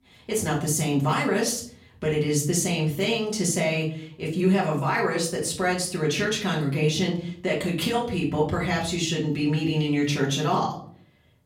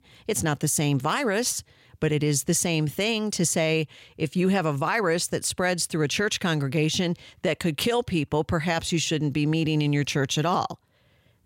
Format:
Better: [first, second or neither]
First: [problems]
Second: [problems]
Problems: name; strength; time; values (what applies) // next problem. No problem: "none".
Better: second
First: room echo; slight; dies away in 0.4 s // off-mic speech; far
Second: none